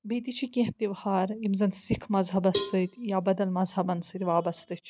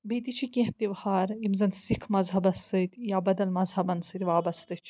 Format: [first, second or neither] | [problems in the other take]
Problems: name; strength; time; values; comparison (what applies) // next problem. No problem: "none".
second | background sound (Cowbell); 11 dB below the speech